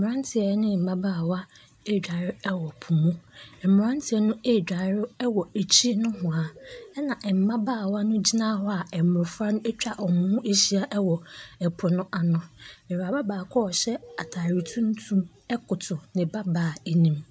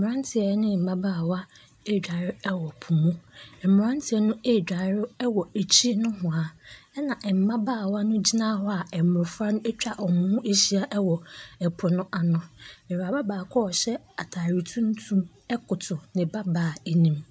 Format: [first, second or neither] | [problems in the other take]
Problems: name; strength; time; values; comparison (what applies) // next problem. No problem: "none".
second | background sound (Bird); 19 dB below the speech